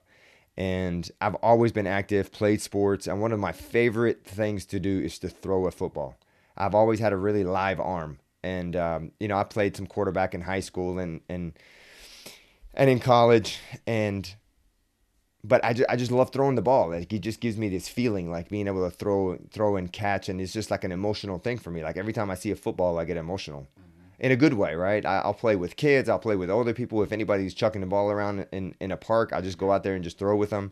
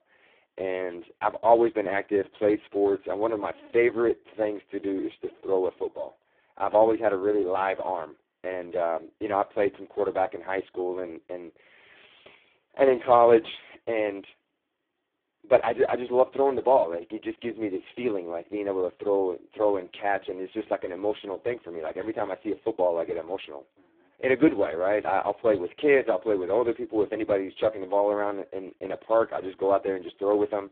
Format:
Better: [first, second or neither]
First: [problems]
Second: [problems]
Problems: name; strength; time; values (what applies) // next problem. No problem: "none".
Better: first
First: none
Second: phone-call audio; poor line